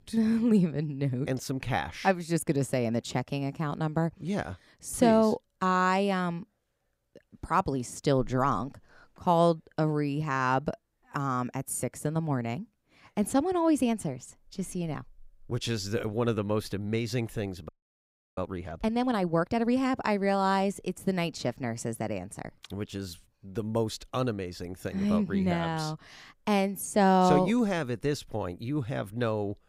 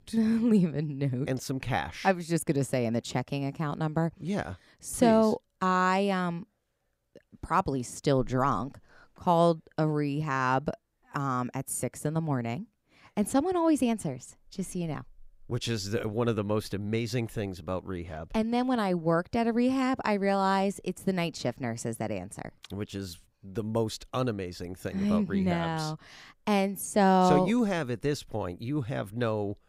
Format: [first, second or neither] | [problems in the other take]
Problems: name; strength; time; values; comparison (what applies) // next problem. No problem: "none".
second | audio freezing; at 18 s for 0.5 s